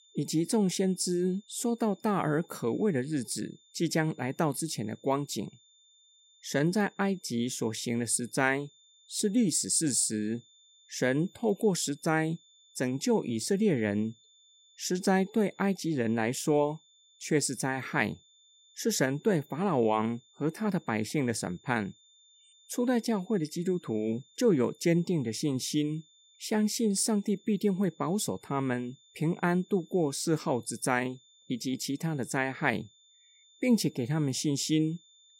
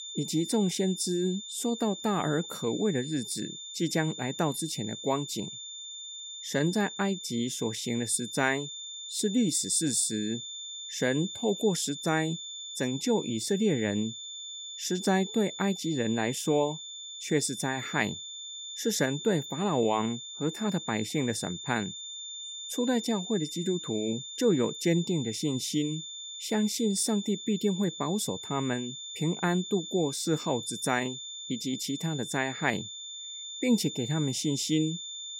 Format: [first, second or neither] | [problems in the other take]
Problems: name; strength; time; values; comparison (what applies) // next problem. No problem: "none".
first | high-pitched whine; loud; throughout; 3.5 kHz, 8 dB below the speech; faint in the first